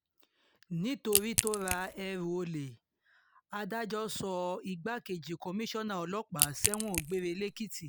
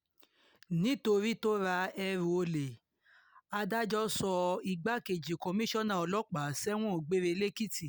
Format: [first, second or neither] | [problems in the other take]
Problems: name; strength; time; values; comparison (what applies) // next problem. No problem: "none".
second | background sound (Crack / Crushing); 2 dB above the speech